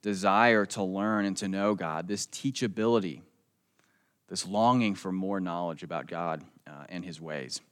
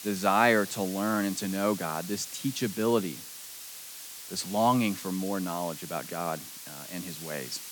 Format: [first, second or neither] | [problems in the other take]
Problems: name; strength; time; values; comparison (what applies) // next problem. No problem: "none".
first | hiss; noticeable; throughout; 10 dB below the speech